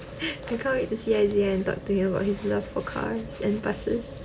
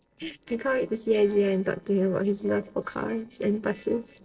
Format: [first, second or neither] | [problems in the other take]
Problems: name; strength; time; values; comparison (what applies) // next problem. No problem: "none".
first | noise reduction (neural separator model SepFormer DNS4)